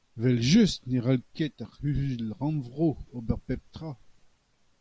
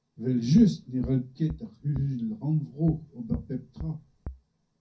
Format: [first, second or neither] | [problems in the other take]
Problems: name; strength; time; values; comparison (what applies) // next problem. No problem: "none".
first | background sound (Bass drum); 15 dB below the speech // room echo; dies away in 0.3 s